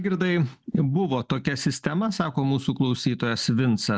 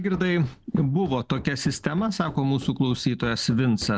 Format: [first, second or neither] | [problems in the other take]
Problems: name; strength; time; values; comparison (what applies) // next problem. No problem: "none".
first | background sound (Run); 19 dB below the speech